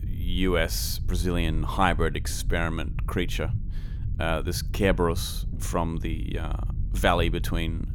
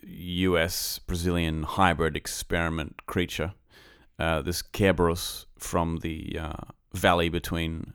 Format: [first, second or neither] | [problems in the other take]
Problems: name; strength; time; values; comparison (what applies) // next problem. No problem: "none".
second | low rumble; faint; throughout; 20 dB below the speech